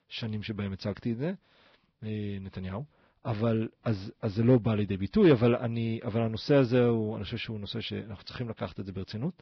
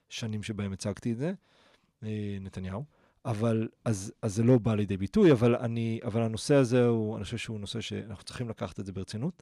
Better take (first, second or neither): second